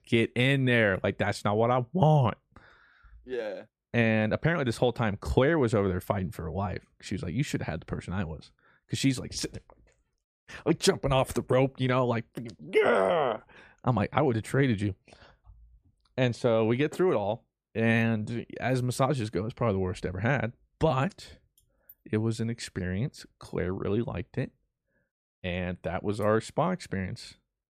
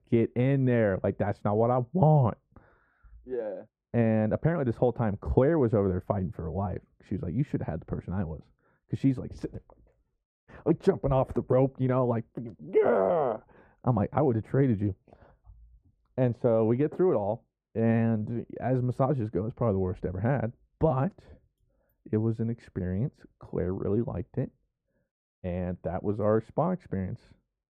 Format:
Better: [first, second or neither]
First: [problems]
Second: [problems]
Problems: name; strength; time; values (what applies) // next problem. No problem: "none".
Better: first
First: none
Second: muffled; very; fading above 2 kHz